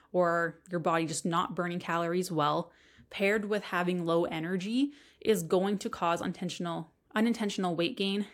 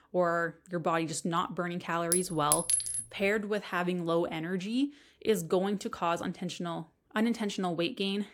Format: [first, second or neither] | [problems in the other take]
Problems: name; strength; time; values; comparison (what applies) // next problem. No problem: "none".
first | clattering dishes; loud; at 2 s; peak 6 dB above the speech